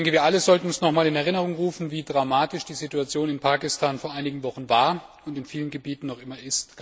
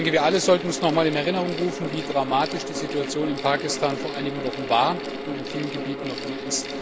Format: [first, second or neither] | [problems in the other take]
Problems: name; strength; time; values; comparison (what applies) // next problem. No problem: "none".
first | background sound (Mechanical fan); 6 dB below the speech